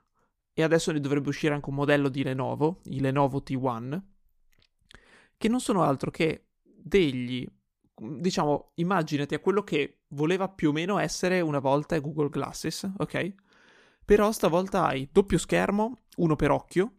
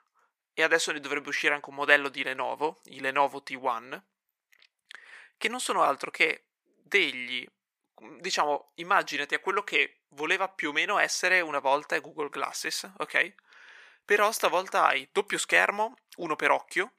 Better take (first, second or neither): first